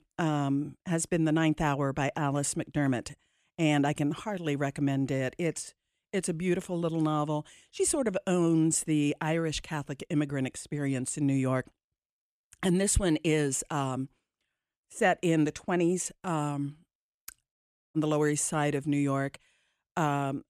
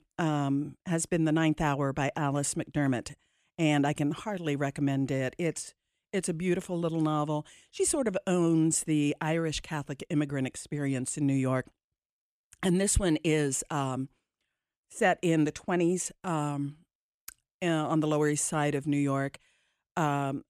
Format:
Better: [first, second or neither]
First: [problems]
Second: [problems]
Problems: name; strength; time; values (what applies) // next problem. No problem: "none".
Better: second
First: audio cutting out; at 18 s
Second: none